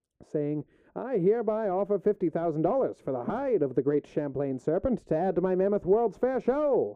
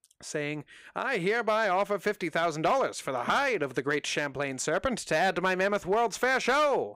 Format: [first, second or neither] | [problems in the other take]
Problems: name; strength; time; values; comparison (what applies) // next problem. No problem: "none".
second | muffled; very; fading above 1 kHz